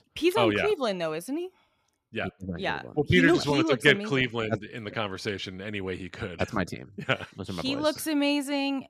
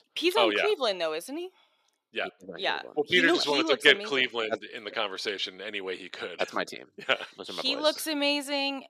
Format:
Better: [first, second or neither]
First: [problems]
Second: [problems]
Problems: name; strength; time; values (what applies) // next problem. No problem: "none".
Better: first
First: none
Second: thin; somewhat; fading below 450 Hz